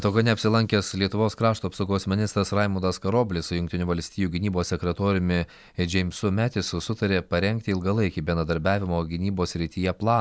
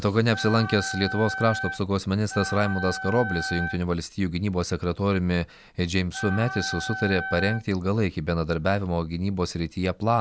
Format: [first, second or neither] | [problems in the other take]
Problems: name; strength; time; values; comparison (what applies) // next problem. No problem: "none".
first | background sound (Wind instrument, woodwind instrument); 8 dB below the speech